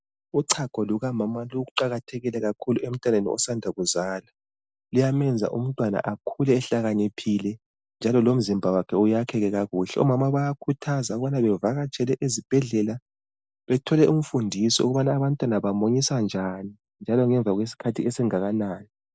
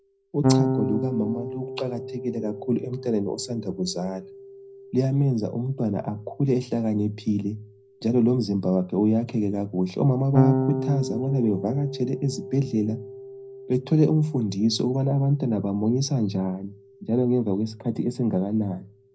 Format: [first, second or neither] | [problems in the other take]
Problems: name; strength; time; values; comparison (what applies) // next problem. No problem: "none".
first | background sound (Electric guitar / Bass guitar); 7 dB below the speech // room echo; dies away in 0.4 s